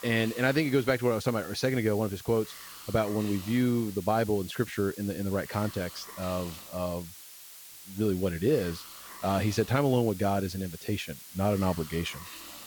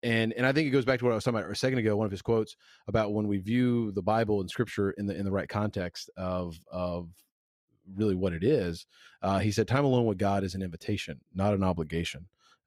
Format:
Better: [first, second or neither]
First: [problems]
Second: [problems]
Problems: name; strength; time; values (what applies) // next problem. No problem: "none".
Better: second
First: hiss; noticeable; throughout; 15 dB below the speech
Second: none